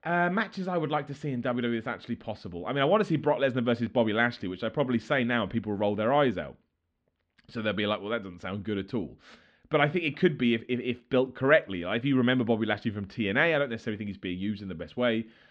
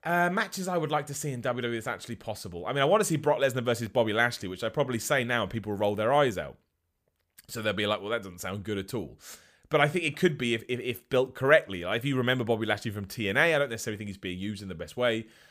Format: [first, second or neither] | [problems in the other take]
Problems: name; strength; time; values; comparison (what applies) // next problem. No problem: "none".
second | muffled; slightly; fading above 4 kHz